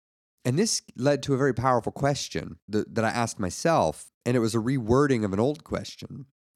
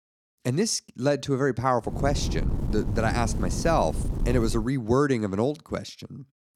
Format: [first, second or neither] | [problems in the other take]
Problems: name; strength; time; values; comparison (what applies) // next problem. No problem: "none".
first | wind noise on the microphone; occasional gusts; from 2 to 4.5 s; 15 dB below the speech